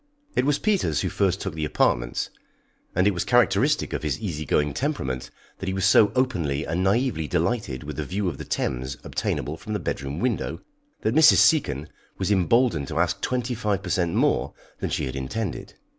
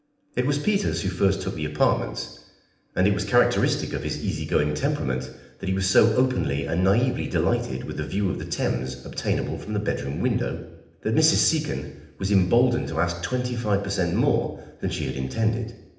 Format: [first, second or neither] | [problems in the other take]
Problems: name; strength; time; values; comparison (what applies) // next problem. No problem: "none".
first | room echo; dies away in 0.8 s